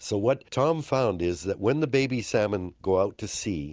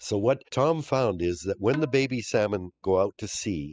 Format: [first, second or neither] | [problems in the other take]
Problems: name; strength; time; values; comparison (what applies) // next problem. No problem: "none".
first | noise reduction (classical method spectral subtraction)